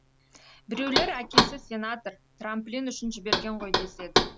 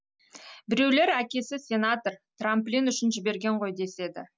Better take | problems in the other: second | background sound (Knock); 4 dB above the speech

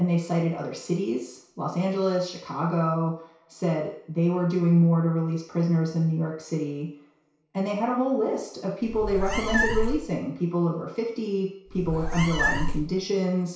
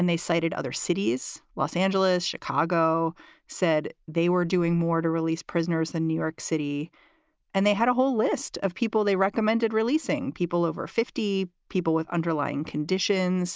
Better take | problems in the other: second | background sound (Meow); 2 dB below the speech // room echo; dies away in 0.6 s

